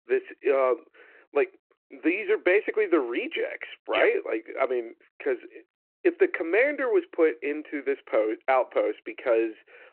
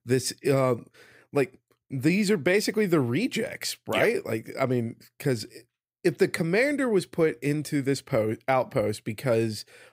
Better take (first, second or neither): second